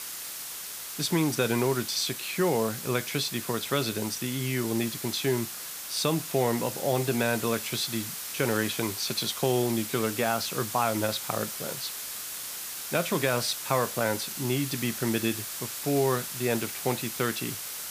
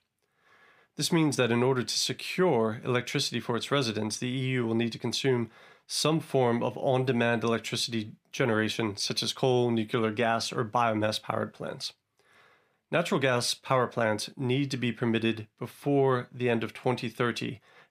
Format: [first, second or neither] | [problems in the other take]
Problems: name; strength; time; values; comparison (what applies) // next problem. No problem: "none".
second | hiss; loud; throughout; 5 dB below the speech